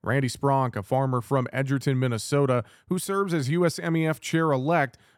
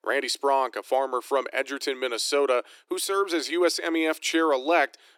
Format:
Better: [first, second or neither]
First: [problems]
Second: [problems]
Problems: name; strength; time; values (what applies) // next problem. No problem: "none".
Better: first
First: none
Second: thin; very; fading below 300 Hz